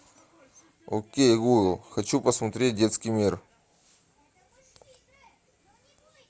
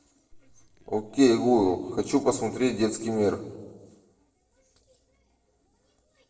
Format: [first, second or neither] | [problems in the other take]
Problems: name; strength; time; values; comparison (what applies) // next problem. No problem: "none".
first | noise reduction (neural separator model SepFormer DNS4)